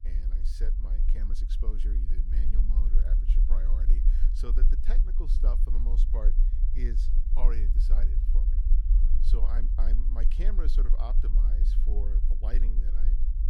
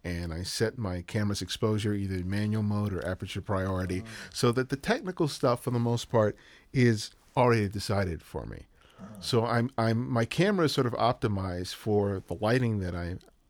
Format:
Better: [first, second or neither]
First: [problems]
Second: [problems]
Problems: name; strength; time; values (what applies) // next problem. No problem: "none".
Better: second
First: low rumble; loud; throughout; 4 dB below the speech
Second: none